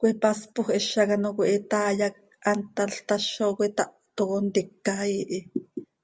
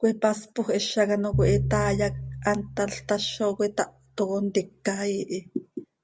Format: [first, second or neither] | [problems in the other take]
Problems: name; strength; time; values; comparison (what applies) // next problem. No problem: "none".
first | background sound (Piano); 6 dB below the speech